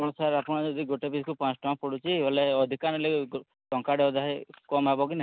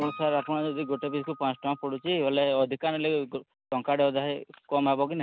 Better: first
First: none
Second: background sound (Acoustic guitar); 17 dB below the speech

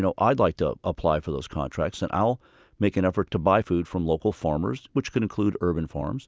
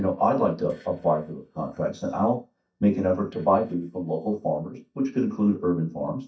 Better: first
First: none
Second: noise reduction (neural mask model DeepFilterNet 3)

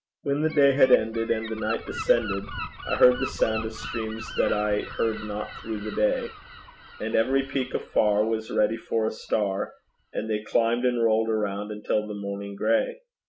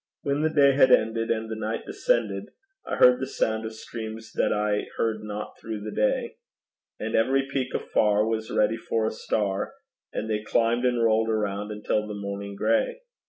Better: second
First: background sound (Gull, seagull); 14 dB below the speech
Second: none

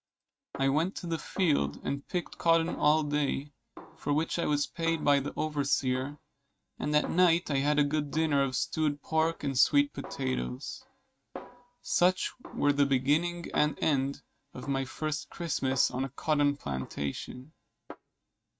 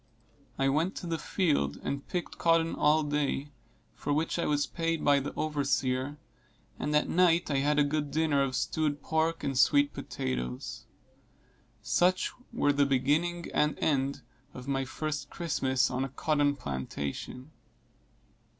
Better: second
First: noise reduction (neural mask model RNNoise)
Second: none

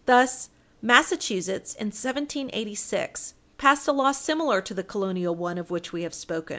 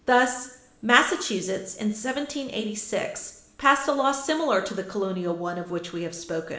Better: first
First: none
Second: room echo; dies away in 0.7 s

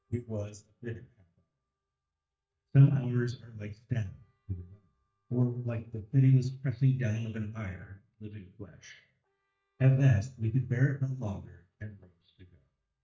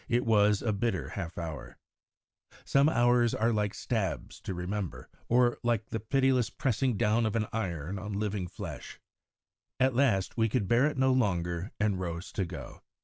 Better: second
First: noise reduction (neural mask model DeepFilterNet 3)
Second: none

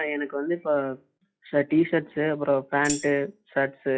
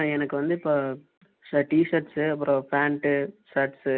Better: second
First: noise reduction (classical method log-MMSE)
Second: none

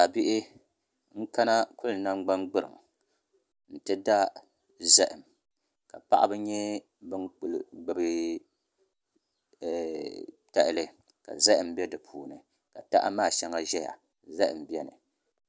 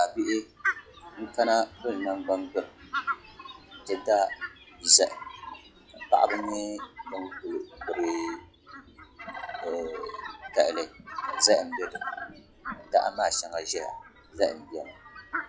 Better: first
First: none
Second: noise reduction (classical method log-MMSE)

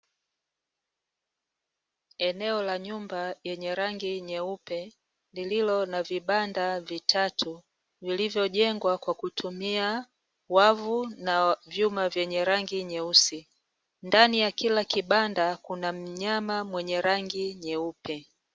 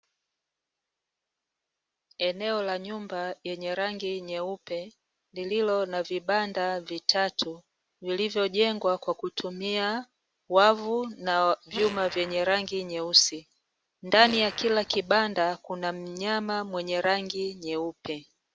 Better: first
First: none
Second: background sound (Fart); 13 dB below the speech

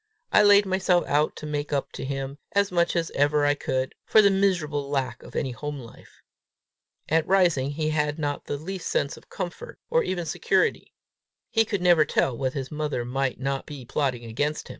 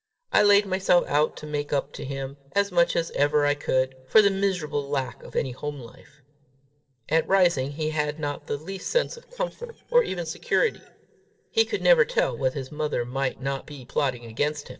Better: first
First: none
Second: noise reduction (neural separator model SepFormer DNS4)

